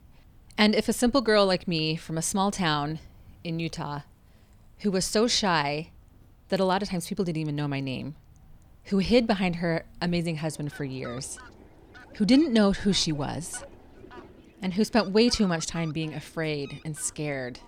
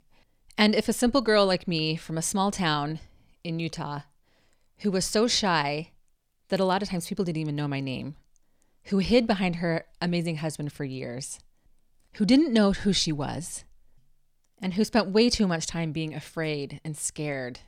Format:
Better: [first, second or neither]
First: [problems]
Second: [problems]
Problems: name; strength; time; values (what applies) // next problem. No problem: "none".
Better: second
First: animal sounds; faint; throughout; 25 dB below the speech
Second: none